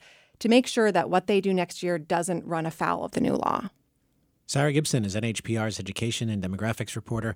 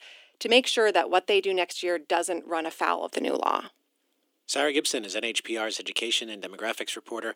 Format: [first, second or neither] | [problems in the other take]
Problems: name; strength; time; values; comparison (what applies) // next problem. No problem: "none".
first | thin; somewhat; fading below 300 Hz